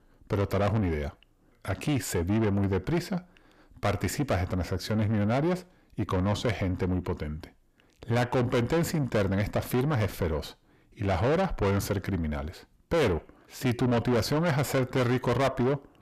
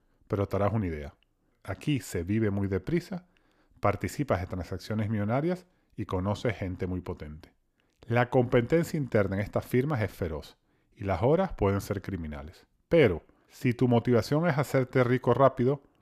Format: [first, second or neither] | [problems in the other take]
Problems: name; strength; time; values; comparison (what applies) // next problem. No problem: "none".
second | distortion; heavy; 6 dB below the speech